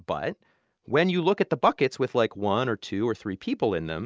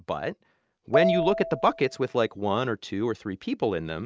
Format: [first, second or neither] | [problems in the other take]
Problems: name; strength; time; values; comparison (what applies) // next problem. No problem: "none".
first | background sound (Marimba, xylophone); 3 dB below the speech